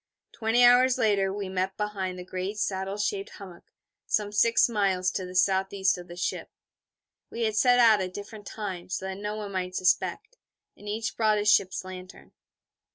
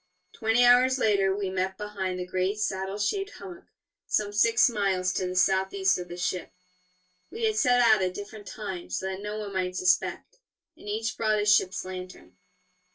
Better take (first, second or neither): first